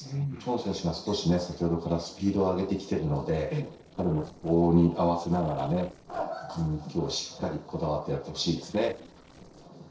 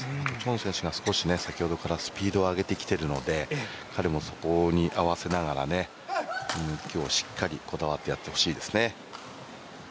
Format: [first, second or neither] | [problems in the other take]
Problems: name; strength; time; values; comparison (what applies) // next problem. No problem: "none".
second | noise reduction (neural separator model SepFormer DNS4)